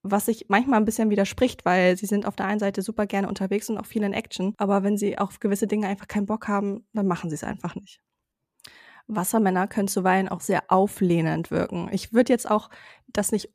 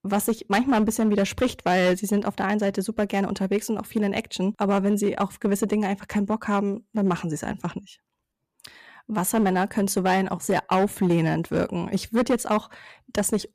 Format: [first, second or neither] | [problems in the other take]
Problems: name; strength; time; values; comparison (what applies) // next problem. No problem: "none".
first | distortion; slight; 5% of the sound clipped